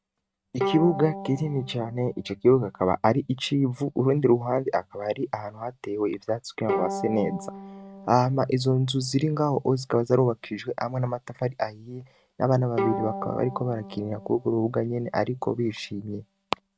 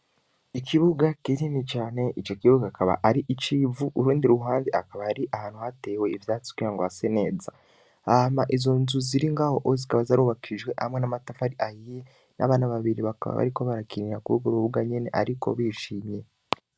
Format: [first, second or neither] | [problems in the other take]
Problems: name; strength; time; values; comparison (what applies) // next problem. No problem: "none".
second | noise reduction (neural mask model RNNoise)